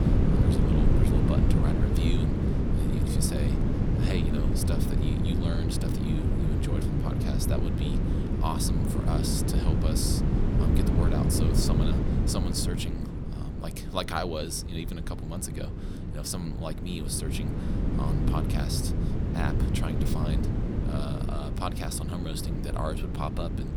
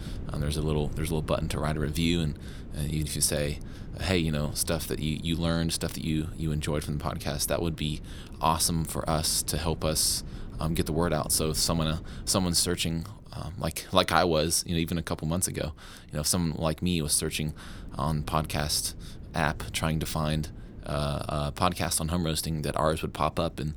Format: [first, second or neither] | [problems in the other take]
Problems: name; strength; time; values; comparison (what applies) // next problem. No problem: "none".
second | wind noise on the microphone; heavy; as loud as the speech; occasional gusts in the second